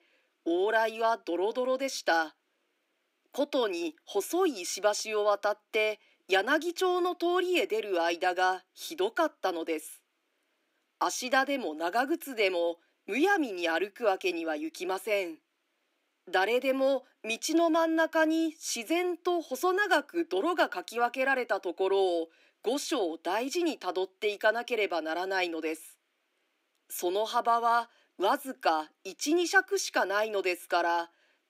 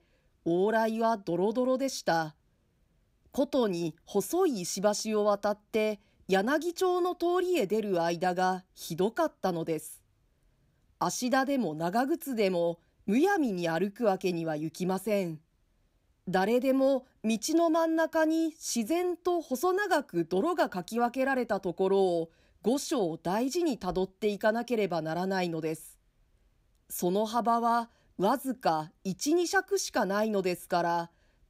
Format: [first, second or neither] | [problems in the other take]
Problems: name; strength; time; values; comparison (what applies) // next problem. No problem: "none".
second | thin; somewhat; fading below 300 Hz